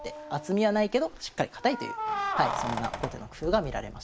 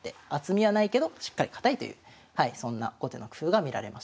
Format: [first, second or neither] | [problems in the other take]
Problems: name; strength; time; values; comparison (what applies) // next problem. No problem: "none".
second | background sound (Keys jangling); 6 dB below the speech